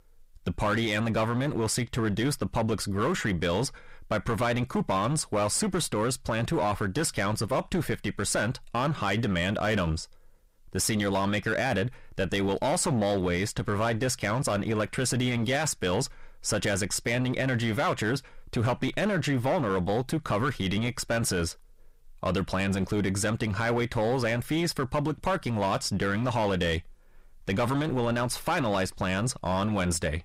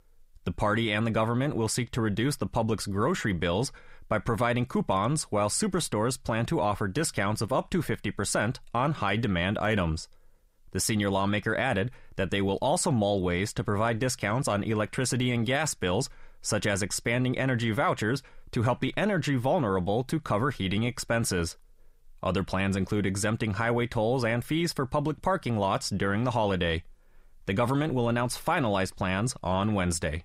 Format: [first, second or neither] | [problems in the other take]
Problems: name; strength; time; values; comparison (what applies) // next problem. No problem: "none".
second | distortion; slight; 10% of the sound clipped